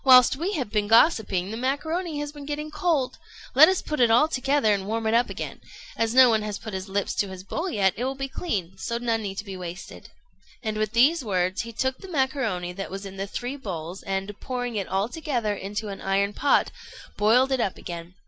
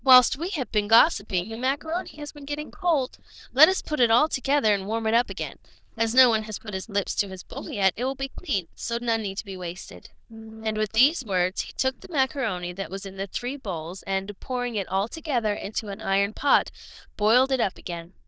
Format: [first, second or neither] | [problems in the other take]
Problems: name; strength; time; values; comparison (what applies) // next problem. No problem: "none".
first | noise reduction (neural diffusion model UNIVERSE++)